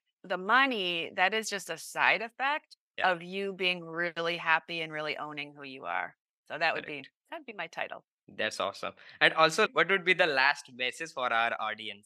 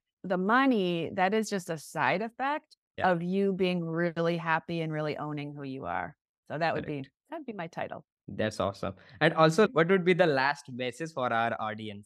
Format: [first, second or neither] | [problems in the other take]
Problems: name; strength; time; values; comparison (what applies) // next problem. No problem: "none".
second | thin; somewhat; fading below 1 kHz